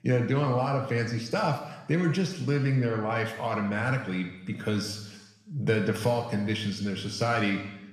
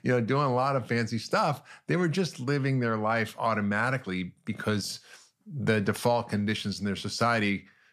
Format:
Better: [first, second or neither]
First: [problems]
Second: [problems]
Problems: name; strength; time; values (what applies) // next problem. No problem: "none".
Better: second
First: room echo; noticeable; dies away in 0.9 s // off-mic speech; somewhat distant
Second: none